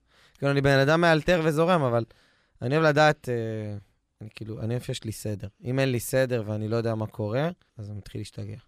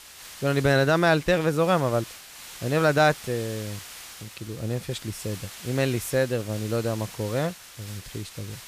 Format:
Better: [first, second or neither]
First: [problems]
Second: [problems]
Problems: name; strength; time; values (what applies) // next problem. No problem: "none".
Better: first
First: none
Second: hiss; noticeable; throughout; 15 dB below the speech